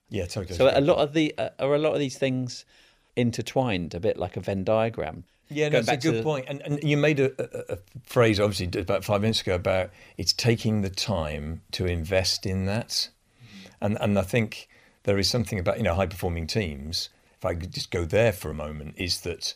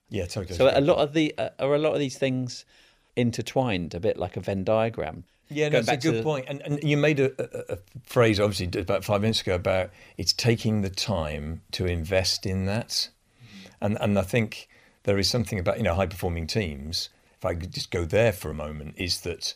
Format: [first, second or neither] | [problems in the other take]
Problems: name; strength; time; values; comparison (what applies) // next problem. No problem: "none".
neither | none